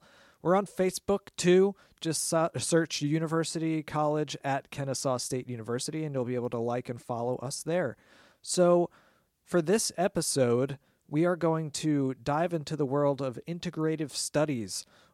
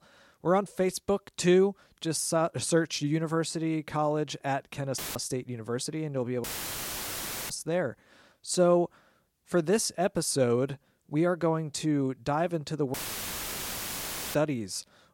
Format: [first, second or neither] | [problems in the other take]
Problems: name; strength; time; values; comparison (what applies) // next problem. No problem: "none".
first | audio cutting out; filled with static; at 5 s, at 6.5 s for 1 s and at 13 s for 1.5 s